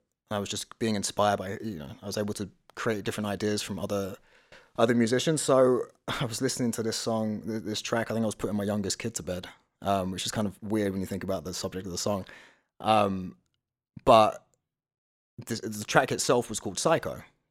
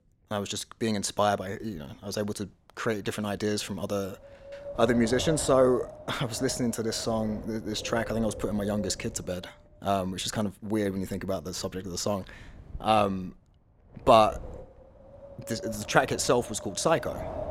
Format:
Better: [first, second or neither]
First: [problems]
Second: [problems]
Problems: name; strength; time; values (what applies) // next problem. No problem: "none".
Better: first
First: none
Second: wind noise on the microphone; occasional gusts; 15 dB below the speech